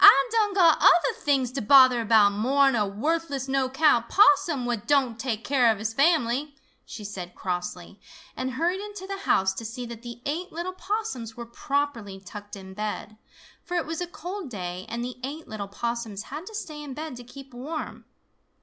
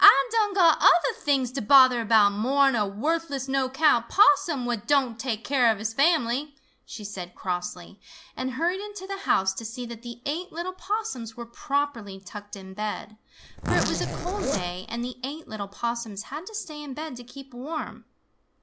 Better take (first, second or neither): first